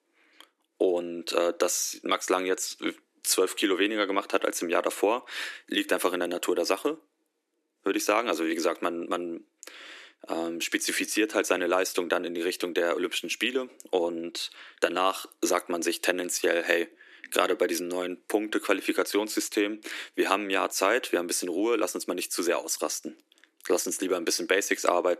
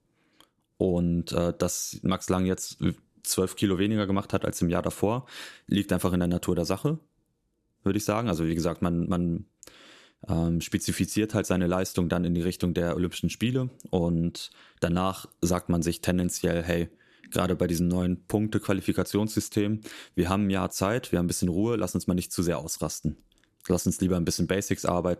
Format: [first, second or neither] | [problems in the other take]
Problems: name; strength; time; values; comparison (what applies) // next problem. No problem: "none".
second | thin; very; fading below 300 Hz